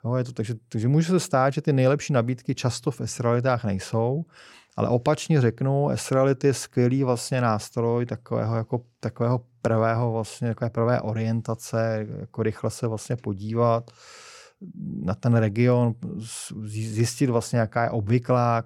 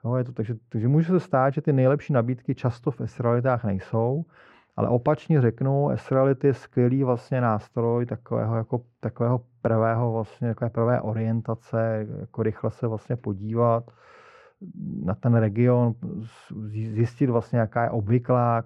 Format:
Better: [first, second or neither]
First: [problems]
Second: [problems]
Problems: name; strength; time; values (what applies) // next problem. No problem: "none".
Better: first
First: none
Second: muffled; very; fading above 4 kHz